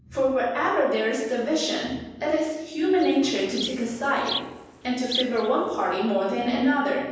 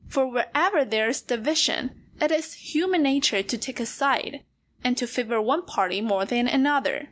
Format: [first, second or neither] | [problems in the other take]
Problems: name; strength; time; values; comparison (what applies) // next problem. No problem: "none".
second | background sound (Insect); 11 dB below the speech // room echo; dies away in 1.1 s